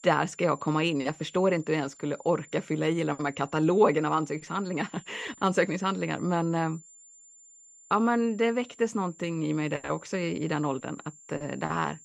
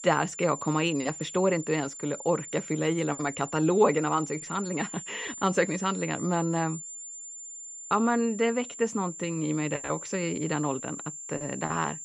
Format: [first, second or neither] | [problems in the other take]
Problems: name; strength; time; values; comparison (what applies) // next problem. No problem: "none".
first | high-pitched whine; loud; throughout; 7 kHz, 10 dB below the speech; faint in the first